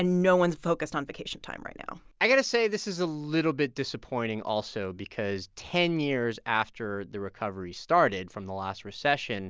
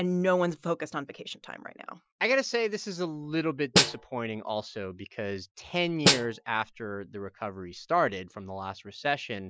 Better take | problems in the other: first | noise reduction (classical method Wiener filter)

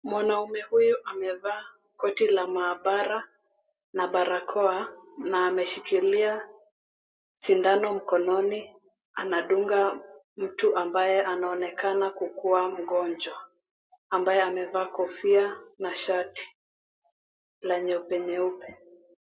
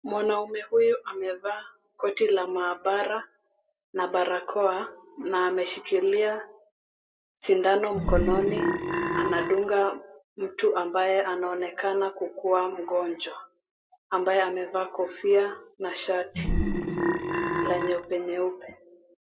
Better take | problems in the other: first | background sound (Burping, eructation); as loud as the speech

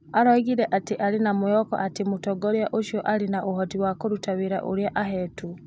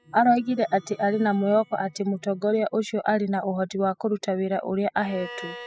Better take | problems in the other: first | noise reduction (classical method spectral subtraction)

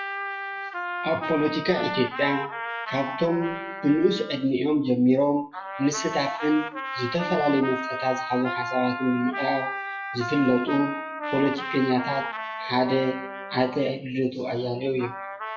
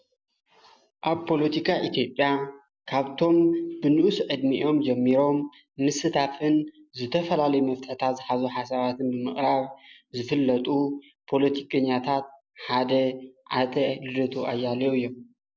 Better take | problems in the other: second | noise reduction (classical method WPE with log-MMSE)

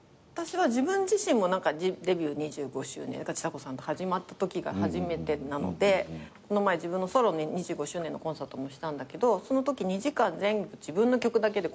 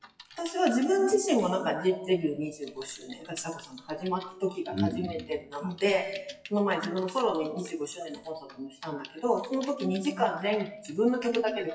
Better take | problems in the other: first | noise reduction (classical method WPE with log-MMSE)

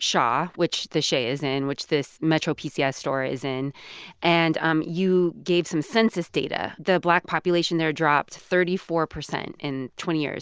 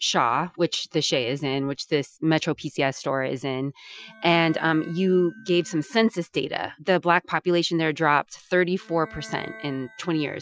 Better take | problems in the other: first | noise reduction (classical method Wiener filter)

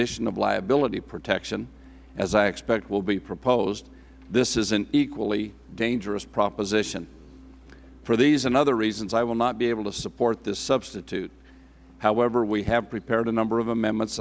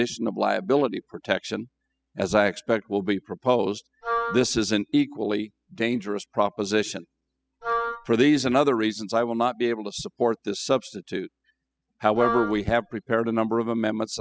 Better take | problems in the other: first | noise reduction (classical method spectral subtraction)

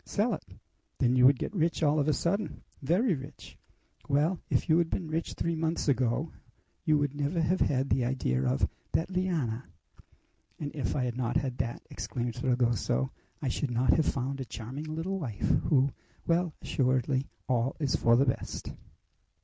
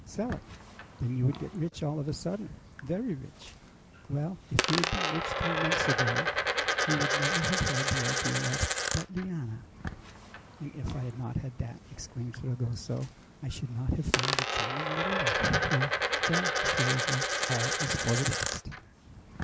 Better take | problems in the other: first | background sound (Coin (dropping)); 1 dB above the speech

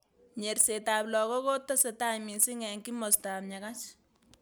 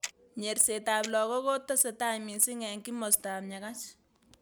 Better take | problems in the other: first | background sound (Clock); 16 dB below the speech

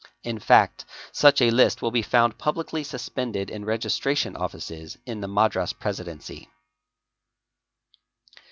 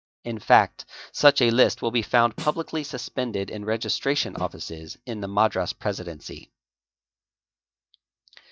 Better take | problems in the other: first | noise reduction (neural mask model DeepFilterNet 3)

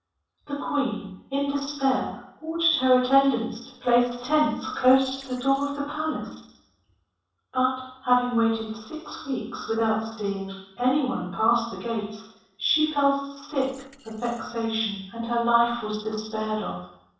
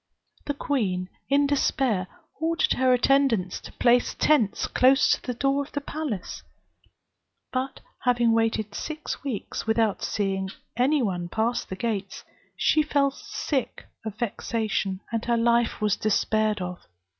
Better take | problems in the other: second | noise reduction (neural separator model SepFormer DNS4)

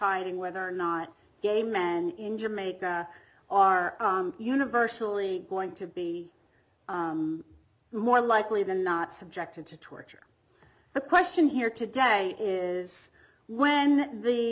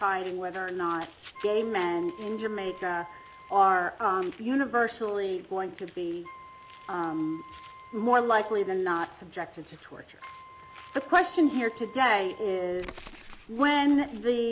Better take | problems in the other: first | background sound (Wind instrument, woodwind instrument + Bird); 20 dB below the speech

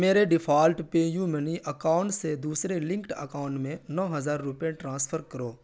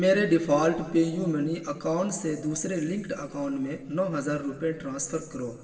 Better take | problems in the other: first | room echo; dies away in 1.9 s

